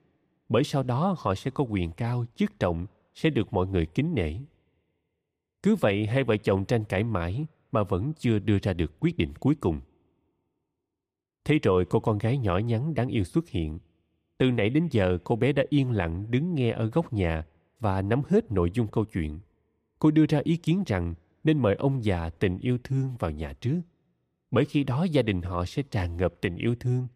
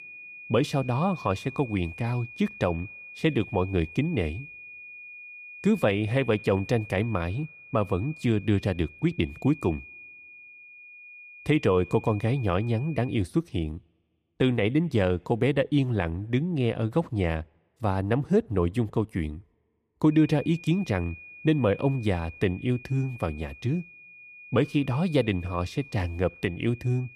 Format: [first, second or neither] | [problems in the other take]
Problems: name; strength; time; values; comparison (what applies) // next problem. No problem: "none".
first | high-pitched whine; noticeable; until 13 s and from 20 s on; 2.5 kHz, 15 dB below the speech